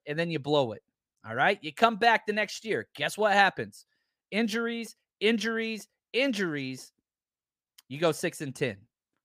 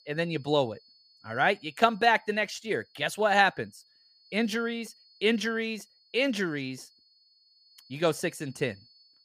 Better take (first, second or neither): first